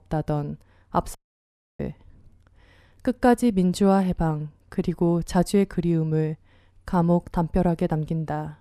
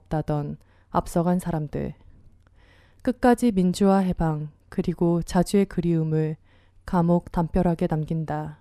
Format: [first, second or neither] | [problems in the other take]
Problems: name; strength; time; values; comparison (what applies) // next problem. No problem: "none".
second | audio cutting out; at 1 s for 0.5 s